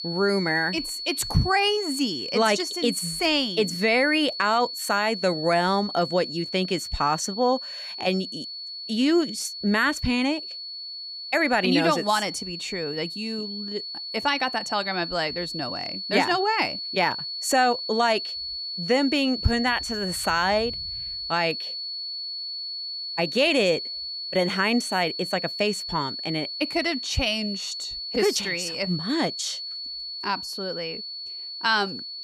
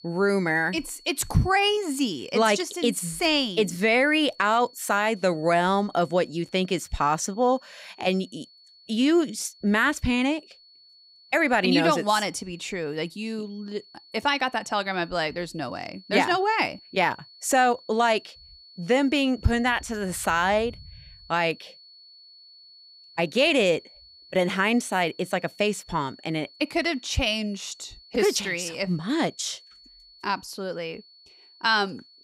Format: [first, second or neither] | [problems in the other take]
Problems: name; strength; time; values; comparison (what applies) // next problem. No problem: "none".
second | high-pitched whine; loud; throughout; 4.5 kHz, 6 dB below the speech; faint in the second